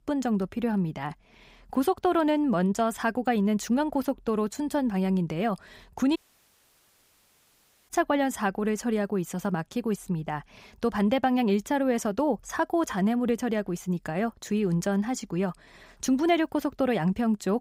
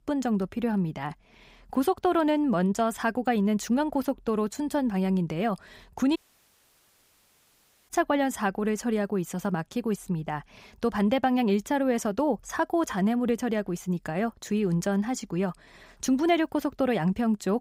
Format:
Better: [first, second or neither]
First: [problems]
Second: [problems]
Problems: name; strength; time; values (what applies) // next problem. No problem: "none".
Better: neither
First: audio cutting out; at 6 s for 1.5 s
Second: audio cutting out; at 6 s for 1.5 s